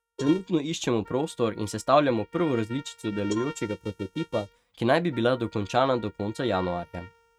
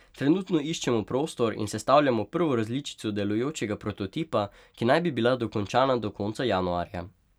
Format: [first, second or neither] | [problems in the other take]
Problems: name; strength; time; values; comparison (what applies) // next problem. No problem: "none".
second | noise reduction (neural mask model RNNoise)